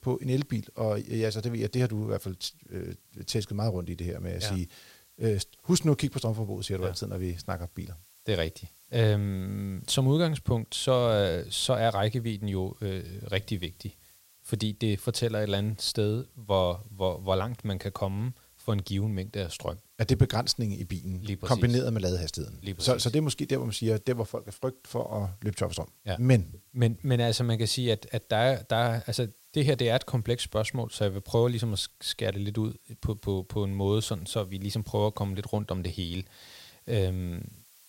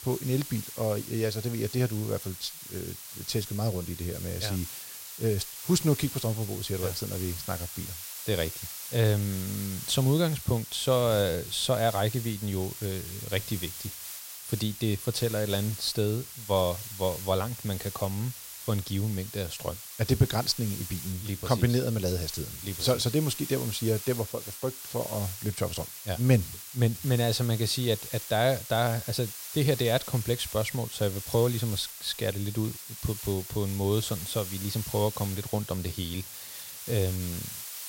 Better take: first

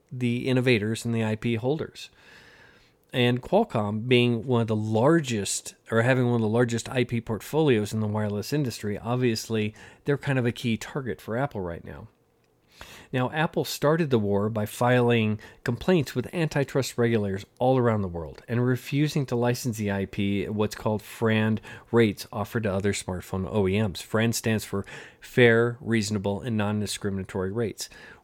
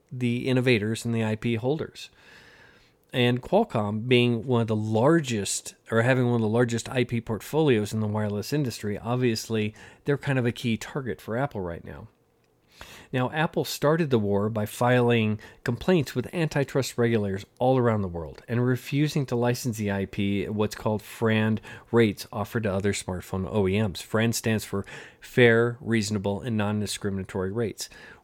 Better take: neither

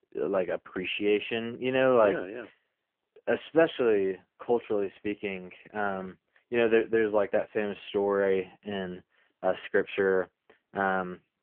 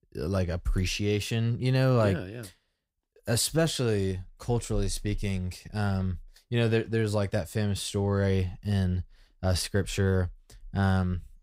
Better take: second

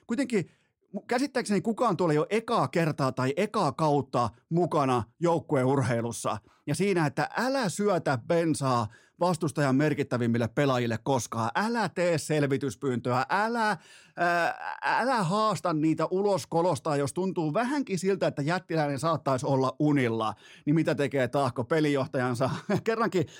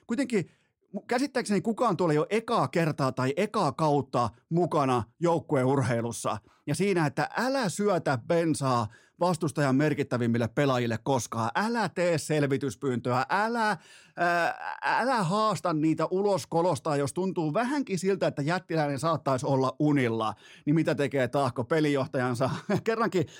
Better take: neither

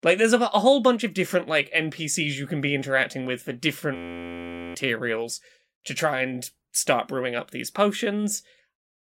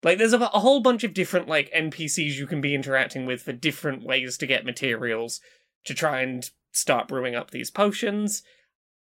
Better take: second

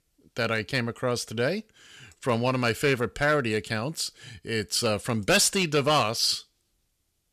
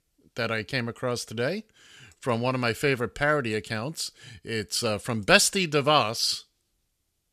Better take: second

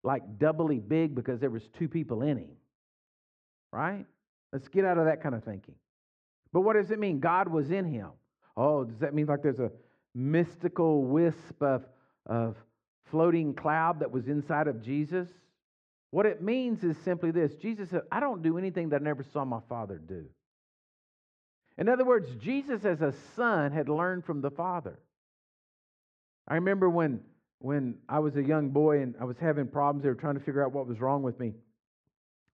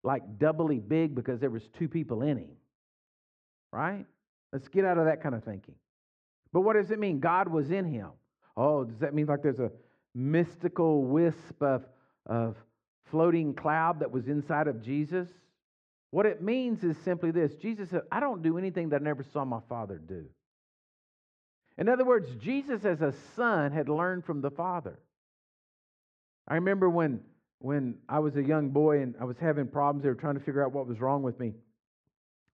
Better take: neither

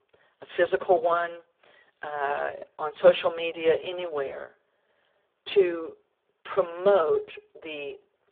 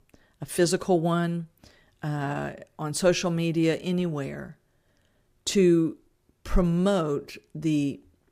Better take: second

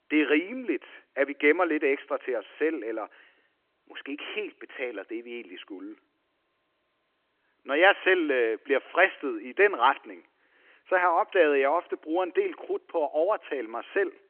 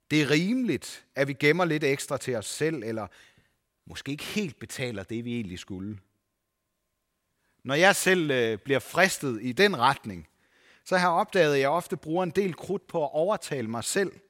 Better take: second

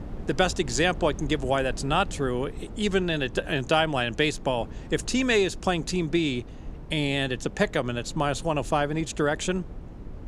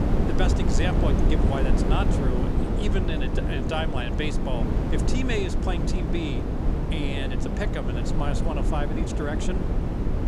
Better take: first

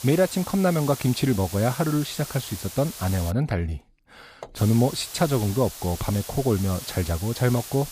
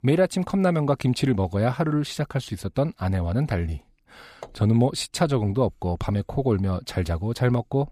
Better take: second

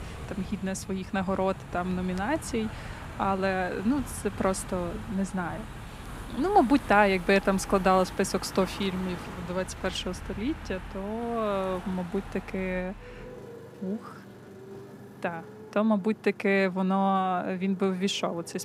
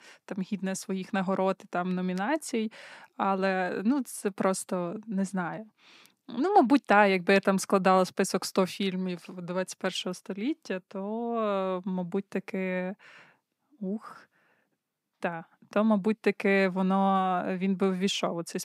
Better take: second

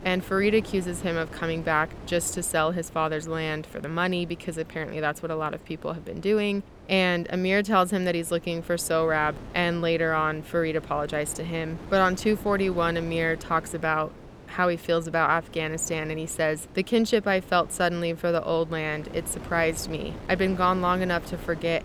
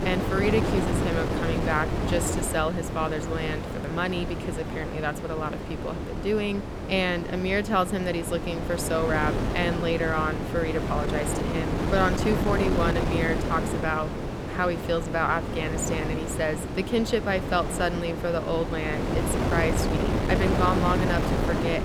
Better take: first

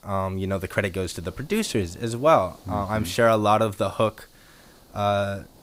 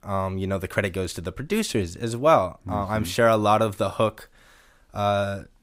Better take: second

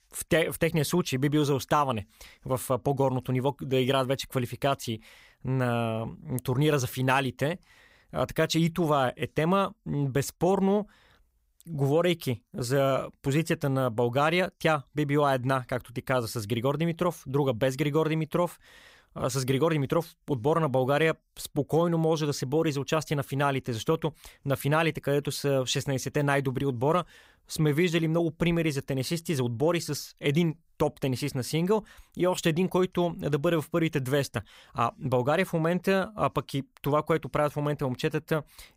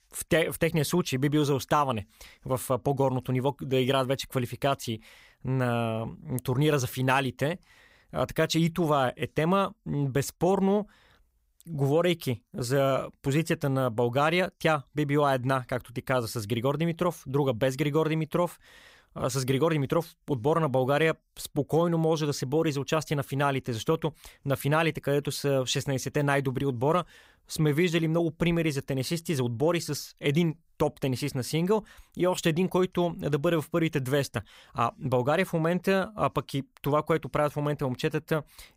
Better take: neither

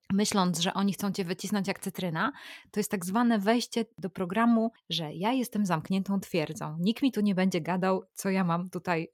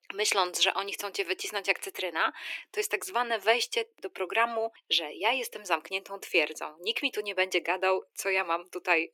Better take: first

